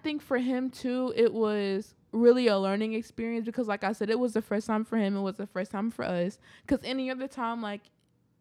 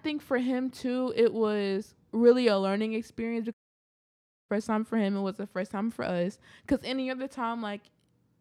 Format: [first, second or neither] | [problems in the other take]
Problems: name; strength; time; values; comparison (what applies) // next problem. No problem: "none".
first | audio cutting out; at 3.5 s for 1 s